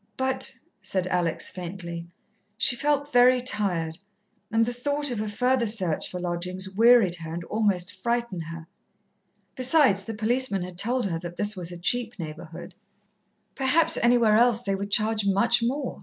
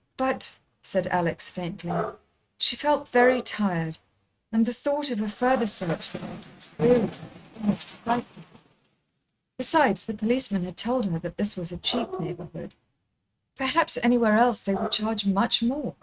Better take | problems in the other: first | noise reduction (neural mask model RNNoise)

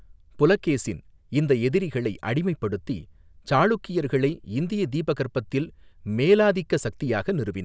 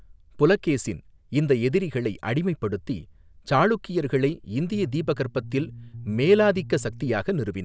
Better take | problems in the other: first | background sound (Bass guitar); 15 dB below the speech

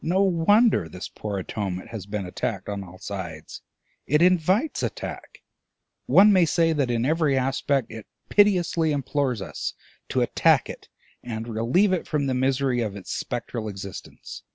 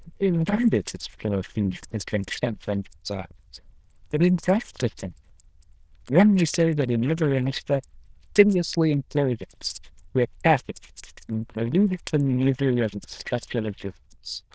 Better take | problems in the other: first | noise reduction (neural diffusion model UNIVERSE++)

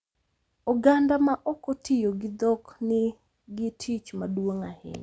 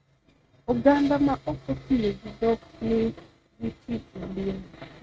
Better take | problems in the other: first | noise reduction (neural mask model RNNoise)

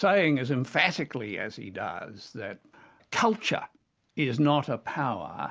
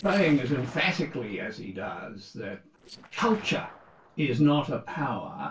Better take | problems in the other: first | noise reduction (neural separator model SepFormer DNS4)

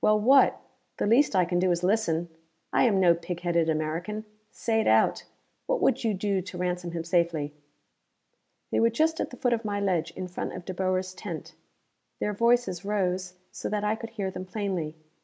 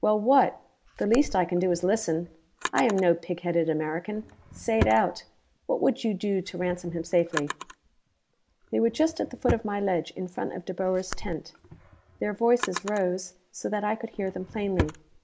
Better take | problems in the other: first | background sound (Drawer open or close); 11 dB below the speech

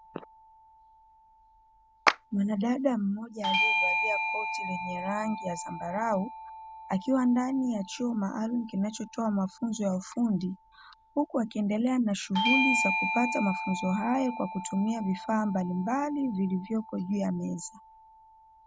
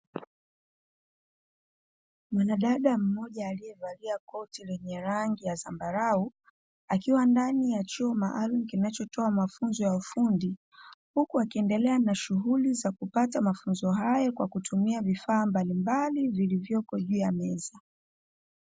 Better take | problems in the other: second | background sound (Clapping + Bell / Doorbell); 4 dB below the speech

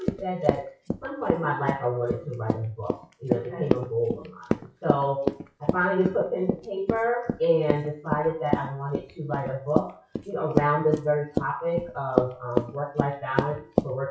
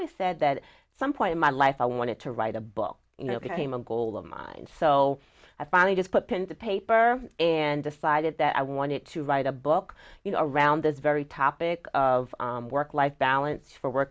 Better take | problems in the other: second | noise reduction (classical method WPE with log-MMSE)

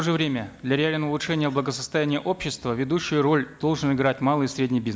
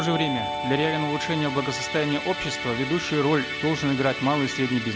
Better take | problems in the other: first | background sound (Musical instrument); 6 dB below the speech

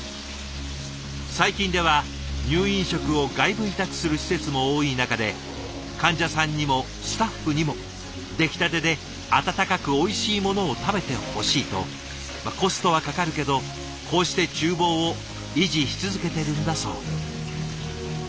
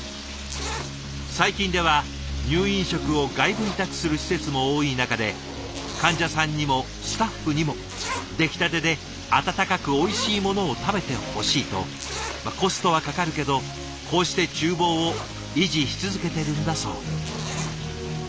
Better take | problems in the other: first | background sound (Zipper (clothing)); 16 dB below the speech

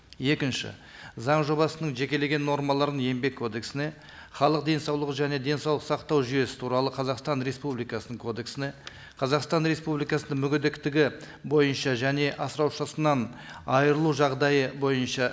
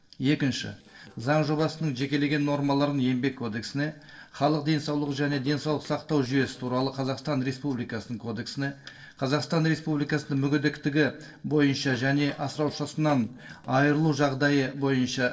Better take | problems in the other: first | noise reduction (neural separator model SepFormer DNS4)

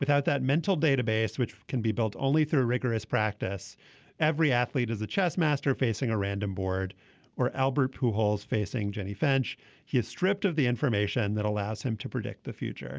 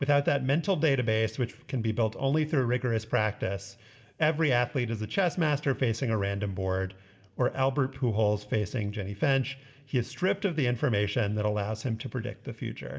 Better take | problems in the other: first | room echo; dies away in 0.6 s

